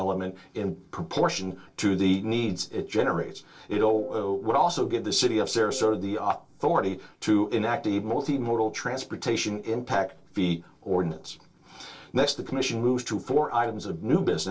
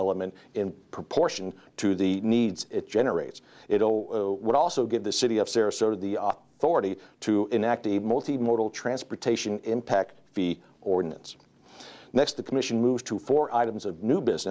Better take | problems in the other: second | noise reduction (neural separator model SepFormer DNS4)

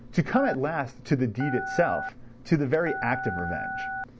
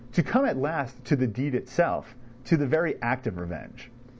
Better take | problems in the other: second | background sound (Telephone); 8 dB below the speech

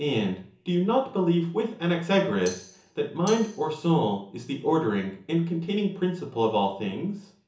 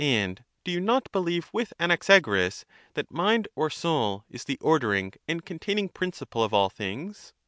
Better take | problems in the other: second | background sound (Tambourine); 17 dB below the speech // room echo; dies away in 0.7 s

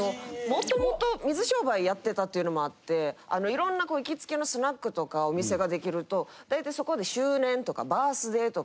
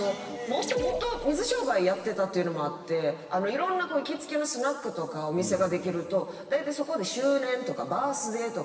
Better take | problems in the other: first | room echo; dies away in 1.9 s

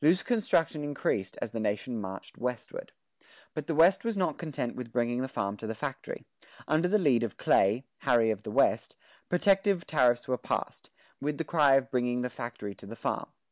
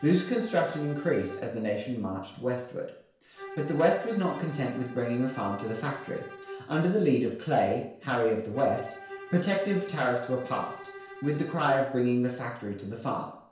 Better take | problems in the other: first | background sound (Bowed string instrument); 17 dB below the speech // room echo; dies away in 0.5 s

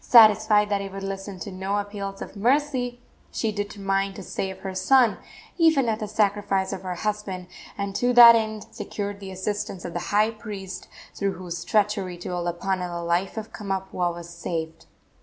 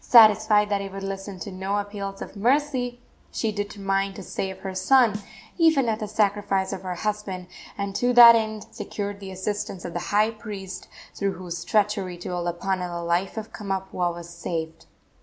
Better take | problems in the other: first | background sound (Snare drum); 18 dB below the speech

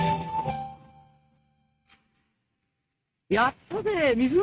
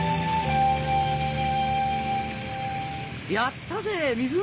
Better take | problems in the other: second | noise reduction (neural mask model RNNoise)

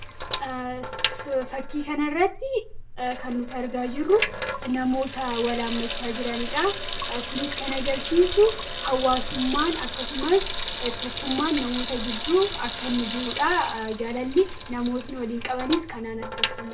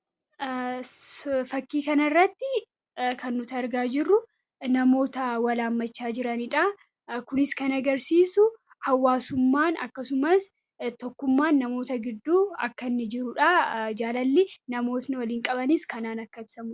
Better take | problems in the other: second | background sound (Sink (filling or washing) / Water tap, faucet); 5 dB below the speech // room echo; dies away in 0.2 s

